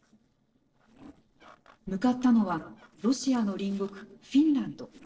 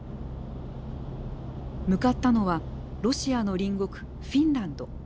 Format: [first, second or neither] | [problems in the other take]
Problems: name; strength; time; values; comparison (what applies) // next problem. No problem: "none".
second | noise reduction (neural separator model SepFormer DNS4)